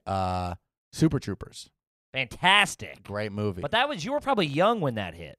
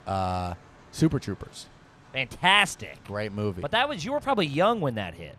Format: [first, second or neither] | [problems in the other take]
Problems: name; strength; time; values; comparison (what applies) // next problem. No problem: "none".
first | train or aircraft noise; faint; throughout; 25 dB below the speech